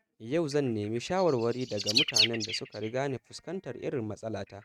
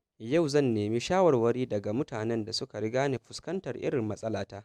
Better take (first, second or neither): second